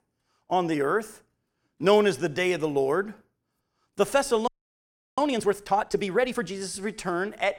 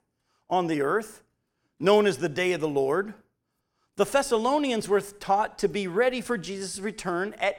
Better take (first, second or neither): second